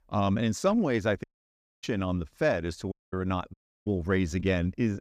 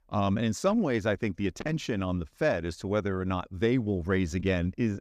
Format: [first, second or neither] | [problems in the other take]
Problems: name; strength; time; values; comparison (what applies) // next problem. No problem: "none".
second | audio cutting out; at 1 s for 0.5 s, at 3 s and at 3.5 s